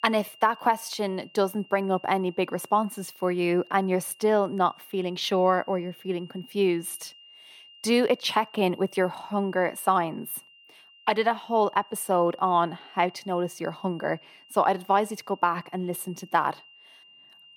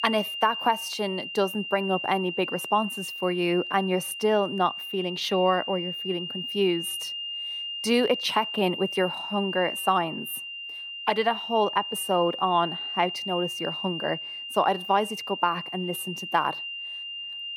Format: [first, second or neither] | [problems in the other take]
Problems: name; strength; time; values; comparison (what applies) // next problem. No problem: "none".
first | high-pitched whine; loud; throughout; 3 kHz, 6 dB below the speech; faint in the first